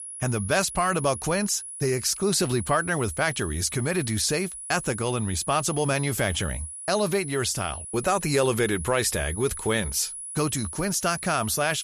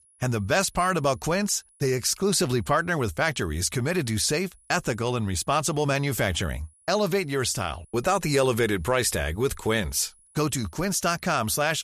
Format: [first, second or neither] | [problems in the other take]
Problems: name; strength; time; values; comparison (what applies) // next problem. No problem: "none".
second | high-pitched whine; loud; throughout; 10 kHz, 9 dB below the speech; faint in the second